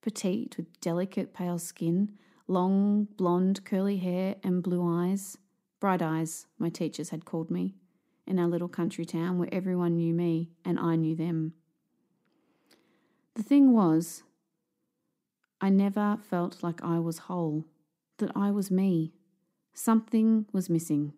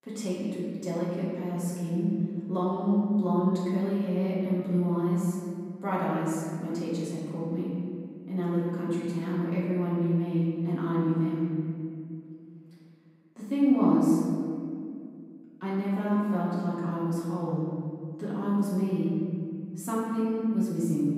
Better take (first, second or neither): first